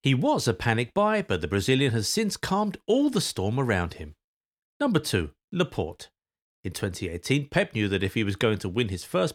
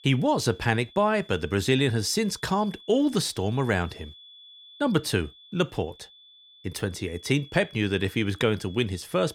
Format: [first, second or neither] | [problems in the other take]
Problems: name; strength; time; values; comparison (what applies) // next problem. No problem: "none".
first | high-pitched whine; faint; throughout; 3.5 kHz, 20 dB below the speech